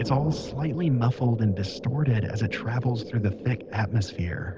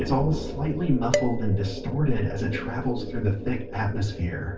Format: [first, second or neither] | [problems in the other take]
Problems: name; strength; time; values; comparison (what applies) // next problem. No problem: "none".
first | background sound (Dishes, pots, and pans); 10 dB below the speech // room echo; dies away in 0.3 s